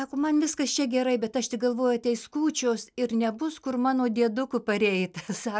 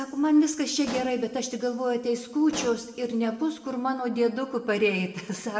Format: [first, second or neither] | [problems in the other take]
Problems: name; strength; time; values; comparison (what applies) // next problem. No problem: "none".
first | background sound (Explosion); 15 dB below the speech // room echo; dies away in 1.2 s